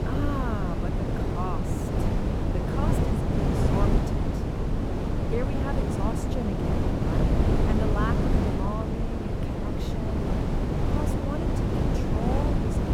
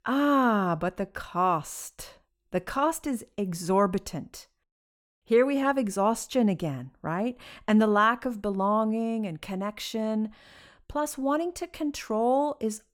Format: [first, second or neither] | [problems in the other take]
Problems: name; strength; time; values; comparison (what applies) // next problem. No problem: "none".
second | wind noise on the microphone; heavy; 4 dB above the speech